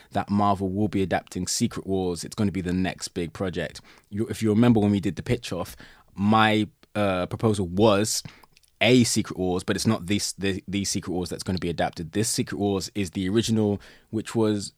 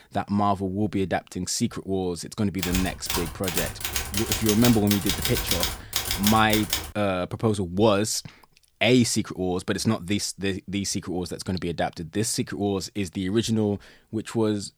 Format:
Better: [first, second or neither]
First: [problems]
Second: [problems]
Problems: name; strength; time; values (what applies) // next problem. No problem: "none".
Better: first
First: none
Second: keyboard typing; loud; from 2.5 to 7 s; peak 2 dB above the speech